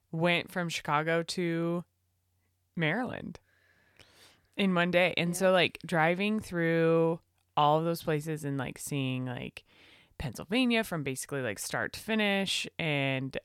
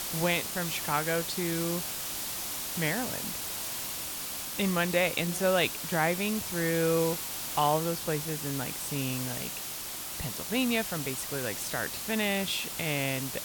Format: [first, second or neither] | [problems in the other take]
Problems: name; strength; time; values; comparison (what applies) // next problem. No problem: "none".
first | hiss; loud; throughout; 3 dB below the speech